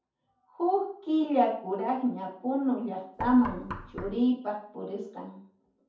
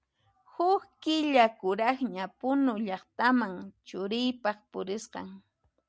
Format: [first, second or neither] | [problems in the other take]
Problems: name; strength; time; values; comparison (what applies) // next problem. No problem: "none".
second | background sound (Knock); 11 dB below the speech // room echo; dies away in 0.6 s